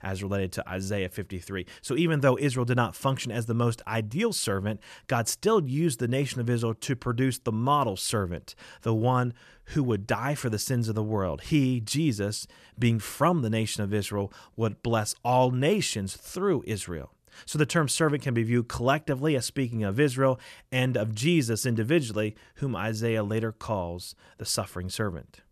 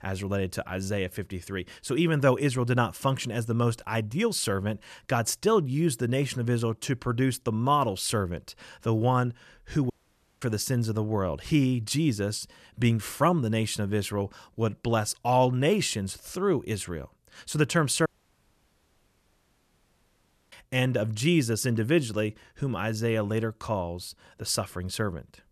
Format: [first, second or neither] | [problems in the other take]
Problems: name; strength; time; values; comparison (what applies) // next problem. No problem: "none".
first | audio cutting out; at 10 s for 0.5 s and at 18 s for 2.5 s